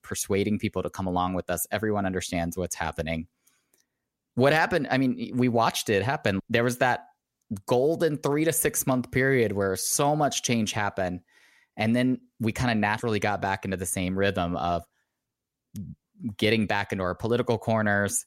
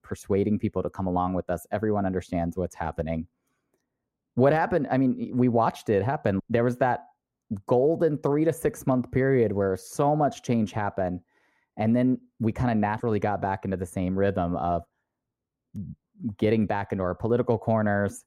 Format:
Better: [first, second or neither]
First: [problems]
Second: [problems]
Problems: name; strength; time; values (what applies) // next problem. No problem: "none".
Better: first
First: none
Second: muffled; very; fading above 2 kHz